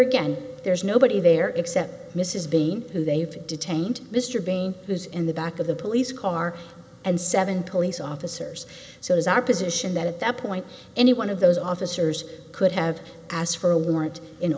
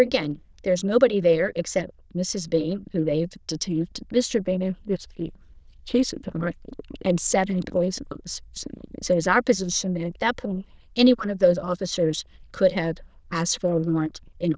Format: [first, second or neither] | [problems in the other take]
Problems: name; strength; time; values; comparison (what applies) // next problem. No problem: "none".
first | noise reduction (neural diffusion model UNIVERSE++)